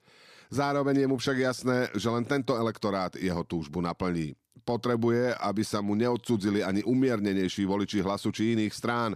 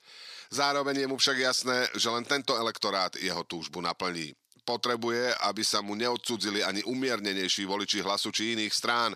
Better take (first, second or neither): first